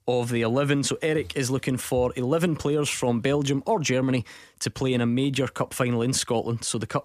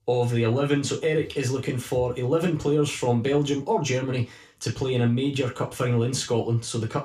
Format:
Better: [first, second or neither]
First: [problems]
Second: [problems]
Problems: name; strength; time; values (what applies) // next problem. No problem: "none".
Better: first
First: none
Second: room echo; very slight; dies away in 0.3 s // off-mic speech; somewhat distant